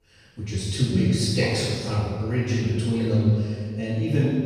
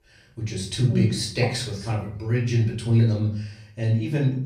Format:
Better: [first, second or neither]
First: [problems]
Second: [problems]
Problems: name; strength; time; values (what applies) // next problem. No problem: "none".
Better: second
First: room echo; strong; dies away in 1.8 s // off-mic speech; far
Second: room echo; slight; dies away in 0.5 s // off-mic speech; far